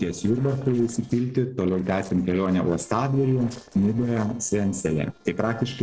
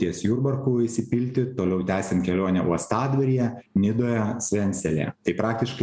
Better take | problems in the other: second | noise reduction (neural separator model SepFormer DNS4)

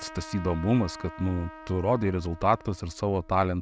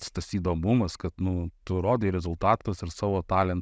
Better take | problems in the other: second | background sound (Trumpet); 18 dB below the speech

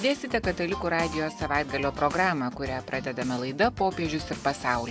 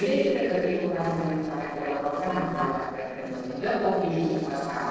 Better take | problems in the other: first | noise reduction (neural separator model SepFormer DNS4)

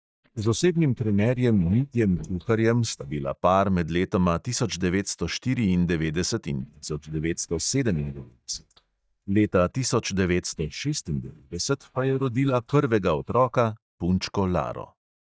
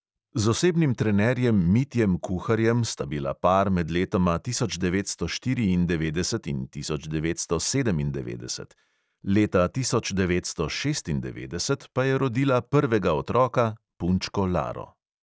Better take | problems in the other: second | noise reduction (neural mask model DeepFilterNet 3)

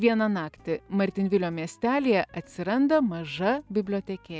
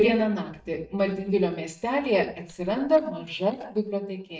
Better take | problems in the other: first | noise reduction (neural mask model DeepFilterNet 3)

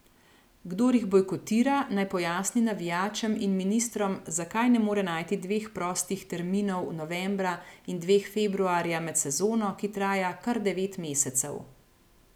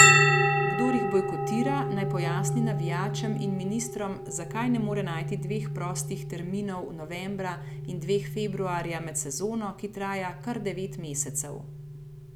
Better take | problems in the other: first | background sound (Bell); 3 dB above the speech

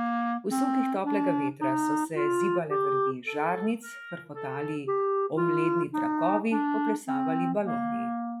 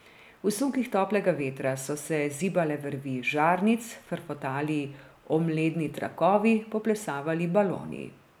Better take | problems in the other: second | noise reduction (classical method log-MMSE)

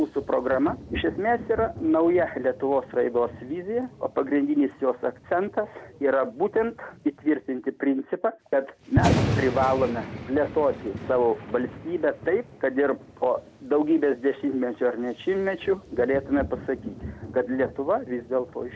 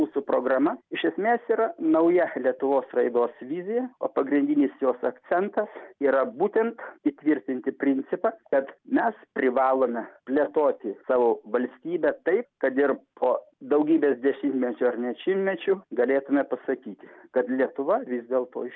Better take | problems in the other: second | background sound (Thunder); 10 dB below the speech

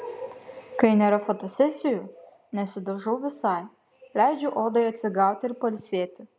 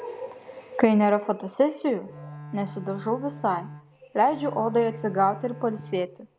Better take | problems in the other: first | background sound (Bowed string instrument); 15 dB below the speech

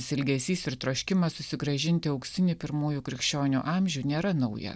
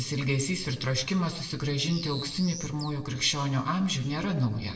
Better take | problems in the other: first | background sound (Bird); 12 dB below the speech // room echo; dies away in 0.8 s

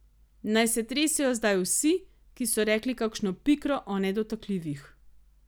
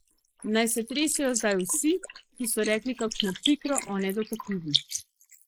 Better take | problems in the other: first | noise reduction (neural mask model Resemble Enhance denoiser)

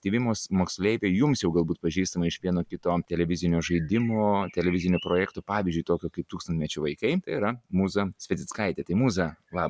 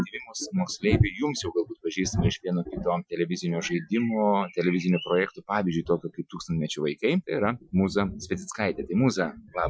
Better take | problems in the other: first | noise reduction (classical method Wiener filter)

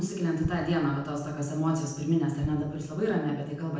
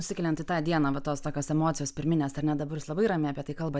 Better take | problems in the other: second | noise reduction (neural separator model SepFormer DNS4)

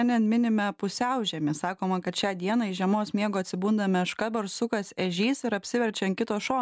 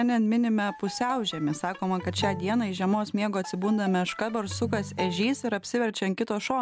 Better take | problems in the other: first | background sound (Ringtone + Bowed string instrument); 12 dB below the speech

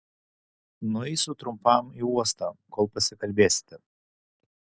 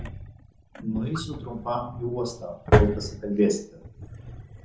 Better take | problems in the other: first | background sound (Drawer open or close); 1 dB above the speech // room echo; dies away in 0.6 s

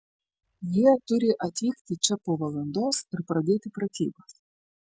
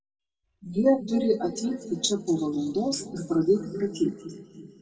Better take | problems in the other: first | room echo; dies away in 2.5 s

